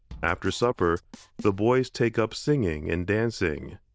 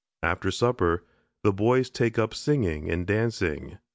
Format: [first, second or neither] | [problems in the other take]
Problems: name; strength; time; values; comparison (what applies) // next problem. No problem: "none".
second | noise reduction (neural diffusion model UNIVERSE++)